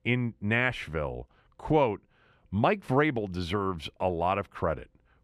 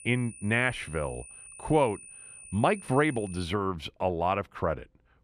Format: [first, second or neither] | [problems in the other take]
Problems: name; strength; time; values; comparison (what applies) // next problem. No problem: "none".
first | high-pitched whine; noticeable; until 3.5 s; 9.5 kHz, 15 dB below the speech